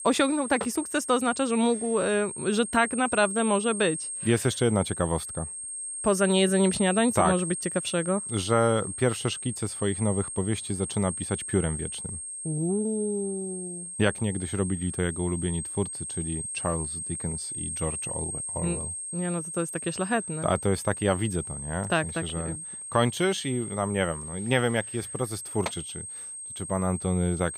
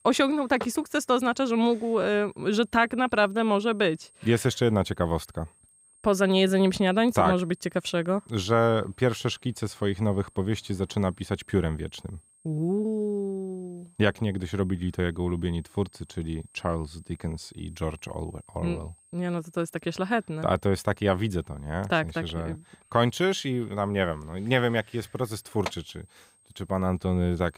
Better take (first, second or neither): second